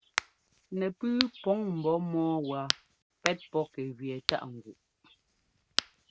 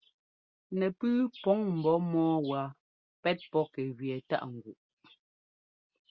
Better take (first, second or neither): second